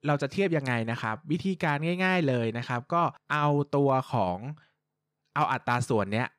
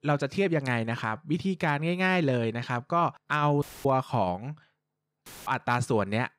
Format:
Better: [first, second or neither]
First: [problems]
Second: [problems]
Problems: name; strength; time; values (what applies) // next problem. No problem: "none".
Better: first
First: none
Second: audio cutting out; filled with static; at 3.5 s and at 5.5 s